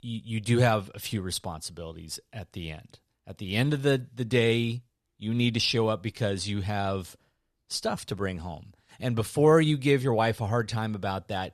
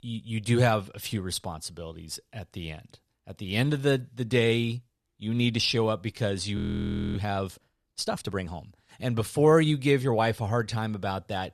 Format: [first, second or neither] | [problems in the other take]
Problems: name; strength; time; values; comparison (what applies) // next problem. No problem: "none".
first | audio freezing; at 6.5 s for 0.5 s